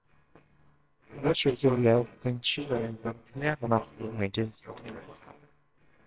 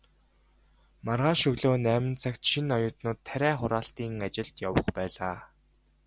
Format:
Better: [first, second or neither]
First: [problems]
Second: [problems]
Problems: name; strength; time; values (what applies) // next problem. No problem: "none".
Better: second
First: noise reduction (neural separator model SepFormer WHAMR!)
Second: none